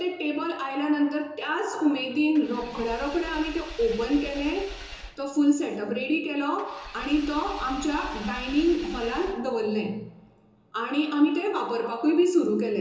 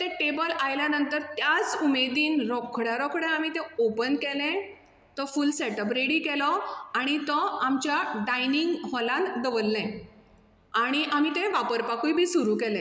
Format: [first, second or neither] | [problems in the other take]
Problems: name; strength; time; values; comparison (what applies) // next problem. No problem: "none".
second | background sound (Engine / Vehicle); 15 dB below the speech // room echo; dies away in 0.6 s